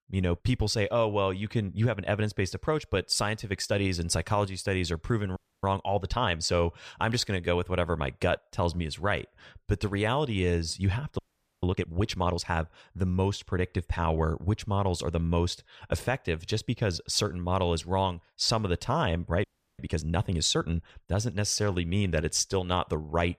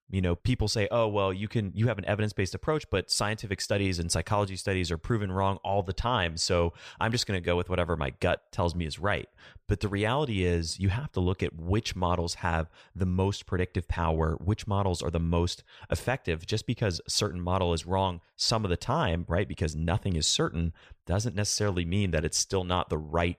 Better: second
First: audio freezing; at 5.5 s, at 11 s and at 19 s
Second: none

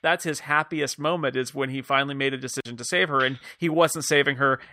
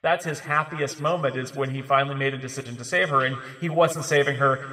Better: first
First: none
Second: room echo; slight; dies away in 2.1 s

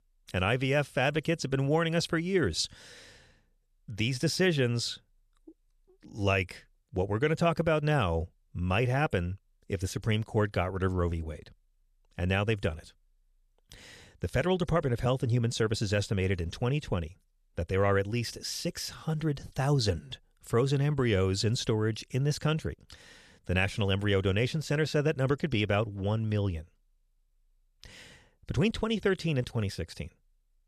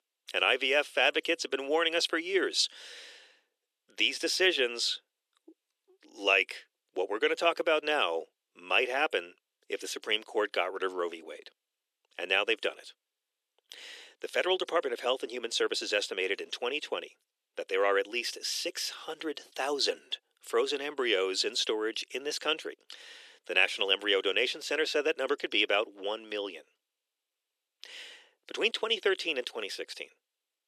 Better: first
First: none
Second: thin; very; fading below 350 Hz

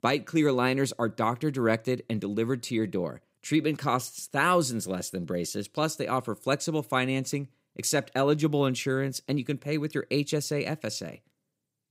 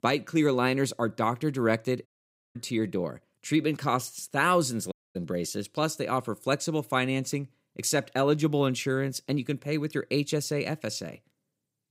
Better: first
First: none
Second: audio cutting out; at 2 s and at 5 s

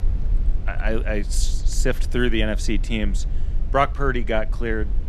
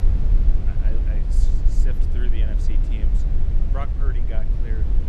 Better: first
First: low rumble; faint; throughout; 20 dB below the speech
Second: low rumble; loud; throughout; as loud as the speech

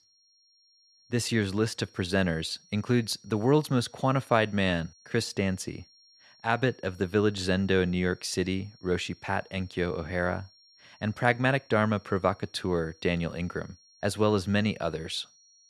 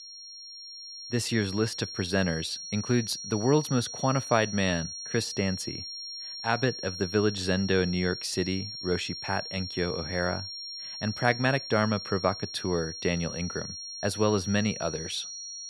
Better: first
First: high-pitched whine; faint; throughout; 5.5 kHz, 30 dB below the speech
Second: high-pitched whine; loud; throughout; 5.5 kHz, 8 dB below the speech

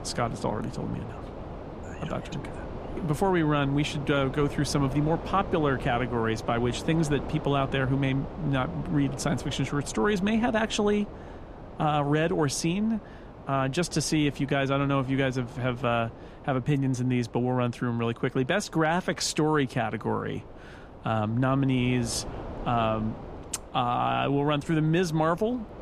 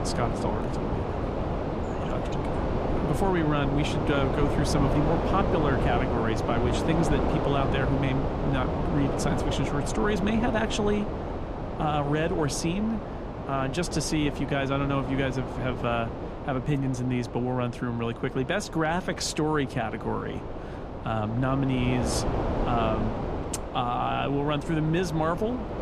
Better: first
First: wind noise on the microphone; occasional gusts; 15 dB below the speech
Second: wind noise on the microphone; heavy; 3 dB below the speech

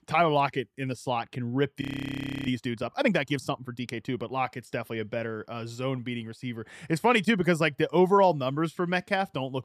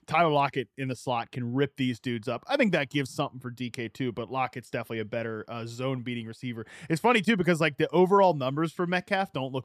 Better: second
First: audio freezing; at 2 s for 0.5 s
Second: none

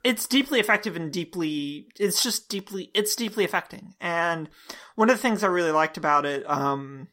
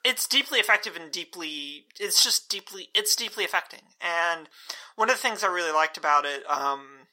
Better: first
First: none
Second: thin; very; fading below 650 Hz

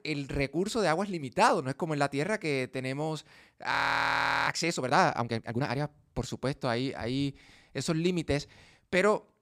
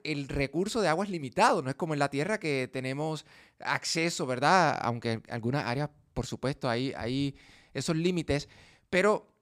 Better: second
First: audio freezing; at 3.5 s for 0.5 s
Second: none

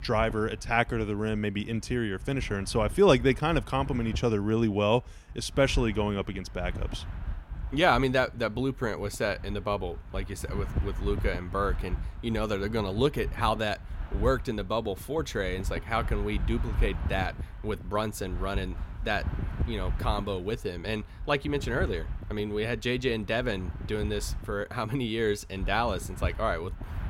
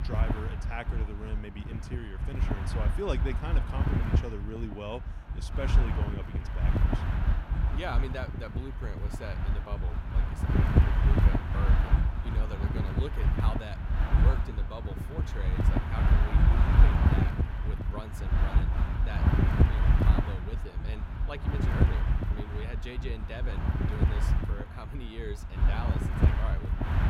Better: first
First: wind noise on the microphone; occasional gusts; 20 dB below the speech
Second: wind noise on the microphone; heavy; 3 dB above the speech

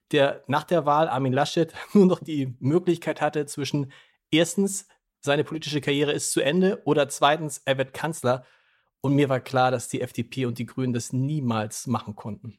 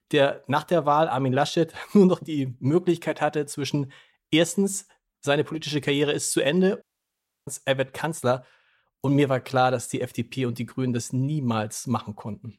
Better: first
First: none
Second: audio cutting out; at 7 s for 0.5 s

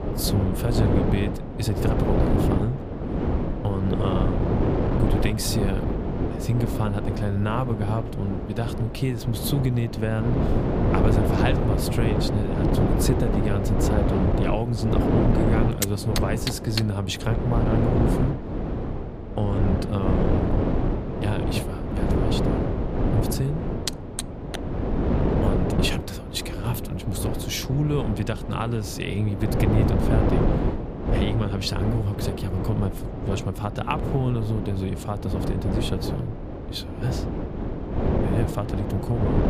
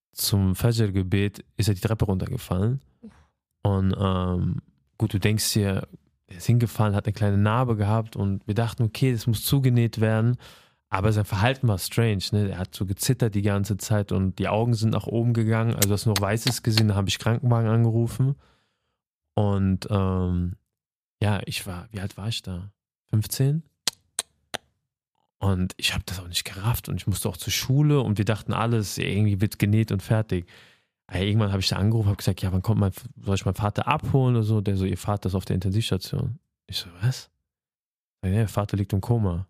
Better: second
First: wind noise on the microphone; heavy; 1 dB above the speech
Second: none

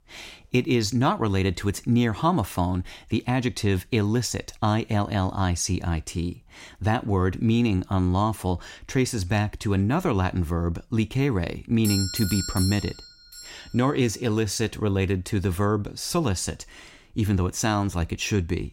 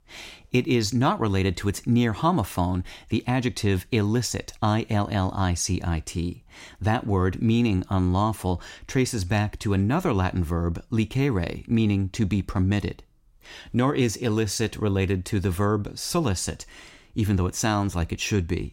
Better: second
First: doorbell; noticeable; from 12 to 14 s; peak 3 dB below the speech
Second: none

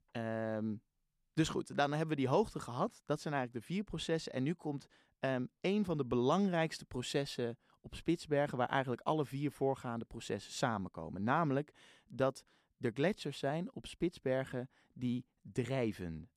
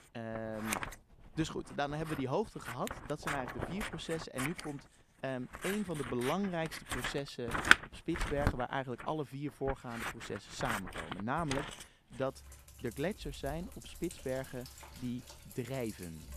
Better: first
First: none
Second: household noises; very loud; throughout; 2 dB above the speech

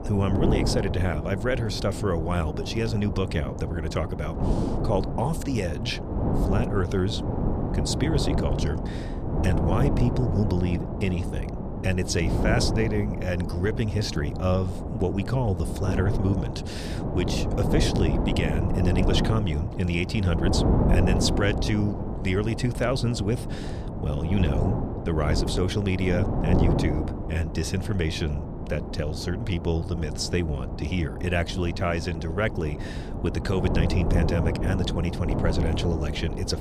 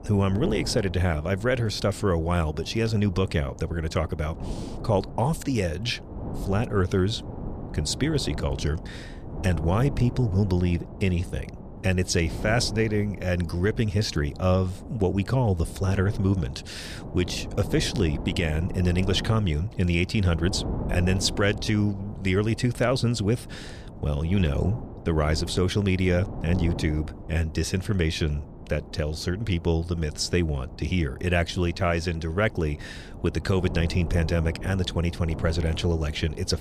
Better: second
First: wind noise on the microphone; heavy; 3 dB below the speech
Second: wind noise on the microphone; occasional gusts; 15 dB below the speech

